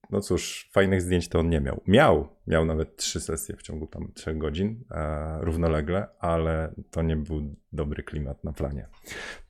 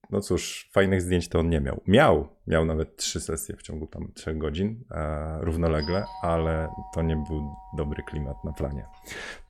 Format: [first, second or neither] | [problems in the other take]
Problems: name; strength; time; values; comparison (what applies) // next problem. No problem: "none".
first | doorbell; faint; from 6 to 9 s; peak 10 dB below the speech